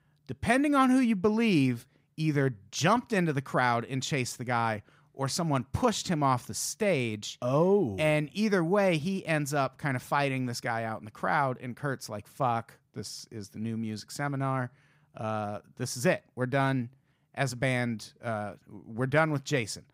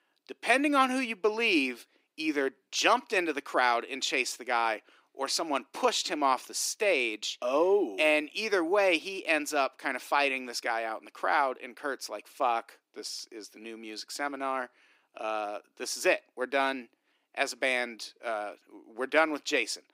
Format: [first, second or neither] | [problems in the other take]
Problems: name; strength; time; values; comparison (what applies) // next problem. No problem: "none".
first | thin; somewhat; fading below 300 Hz